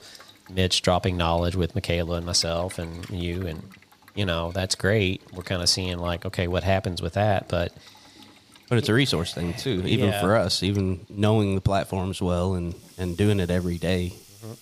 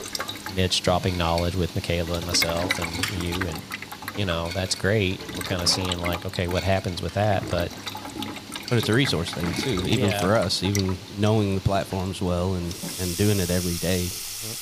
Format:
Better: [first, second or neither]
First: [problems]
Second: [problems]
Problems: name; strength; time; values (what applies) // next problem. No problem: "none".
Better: first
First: household noises; faint; throughout; 25 dB below the speech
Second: household noises; loud; throughout; 7 dB below the speech